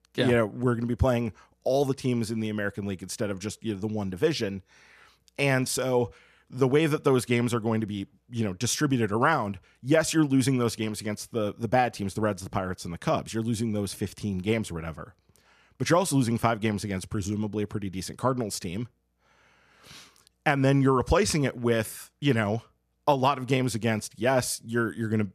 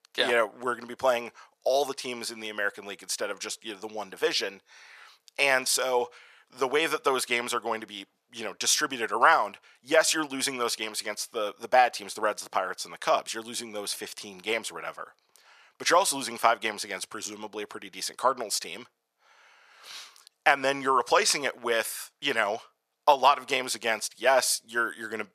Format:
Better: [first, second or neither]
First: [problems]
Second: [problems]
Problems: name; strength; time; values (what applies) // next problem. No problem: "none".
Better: first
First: none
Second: thin; very; fading below 750 Hz